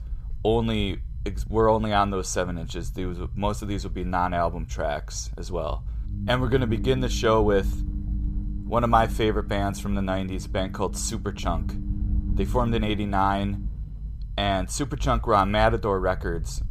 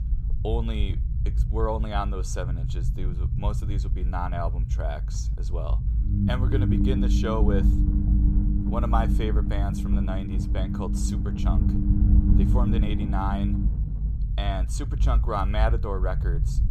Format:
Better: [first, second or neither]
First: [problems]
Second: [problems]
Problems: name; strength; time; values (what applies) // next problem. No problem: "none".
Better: first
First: low rumble; faint; throughout; 20 dB below the speech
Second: low rumble; loud; throughout; 5 dB below the speech